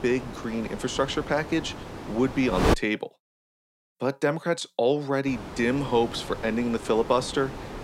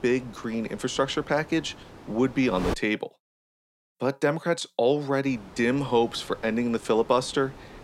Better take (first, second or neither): second